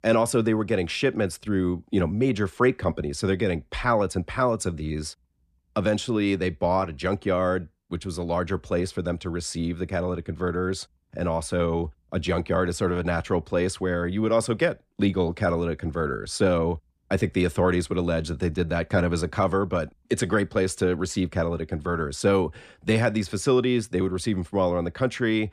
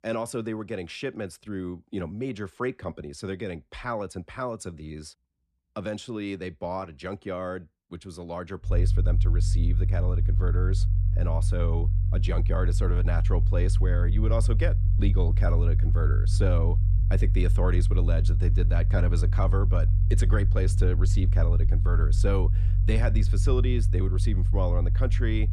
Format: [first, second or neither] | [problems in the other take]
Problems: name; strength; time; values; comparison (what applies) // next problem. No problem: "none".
first | low rumble; loud; from 8.5 s on; 7 dB below the speech